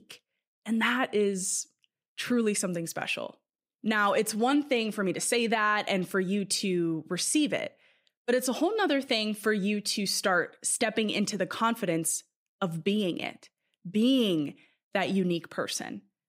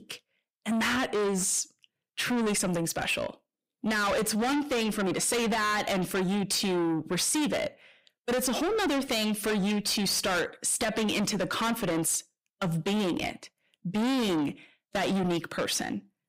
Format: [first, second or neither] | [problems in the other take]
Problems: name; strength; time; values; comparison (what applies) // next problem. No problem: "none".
first | distortion; heavy; 6 dB below the speech